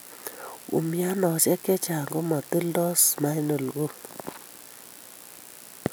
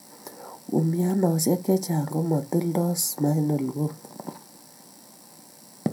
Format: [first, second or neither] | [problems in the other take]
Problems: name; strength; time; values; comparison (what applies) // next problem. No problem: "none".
first | room echo; dies away in 0.2 s